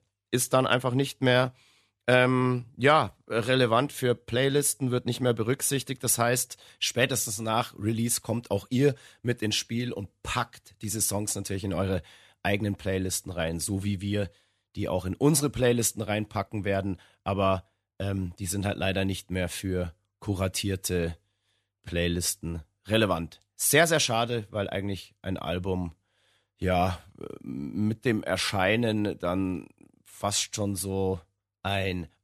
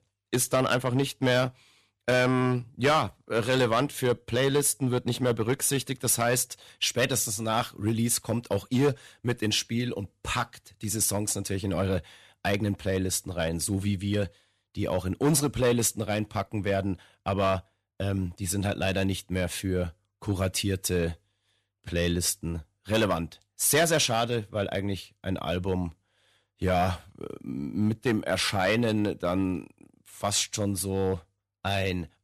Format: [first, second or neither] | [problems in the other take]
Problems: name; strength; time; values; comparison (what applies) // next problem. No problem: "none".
first | distortion; slight; 3% of the sound clipped